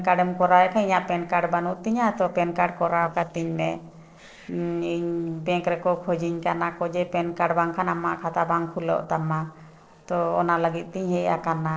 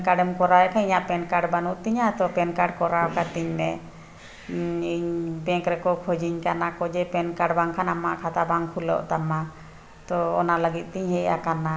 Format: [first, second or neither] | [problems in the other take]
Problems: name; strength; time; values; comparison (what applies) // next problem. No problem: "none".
second | noise reduction (neural separator model SepFormer DNS4)